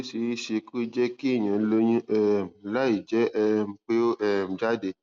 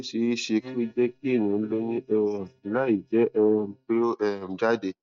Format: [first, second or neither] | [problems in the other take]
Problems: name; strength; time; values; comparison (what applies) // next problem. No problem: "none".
first | noise reduction (neural mask model DeepFilterNet 3)